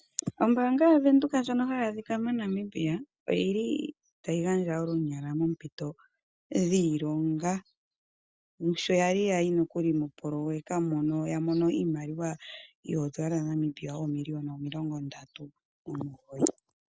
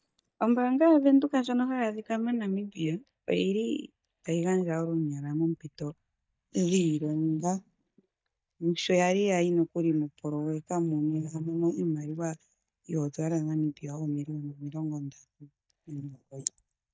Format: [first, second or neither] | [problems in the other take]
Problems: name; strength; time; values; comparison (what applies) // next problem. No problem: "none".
first | noise reduction (neural mask model DeepFilterNet 3)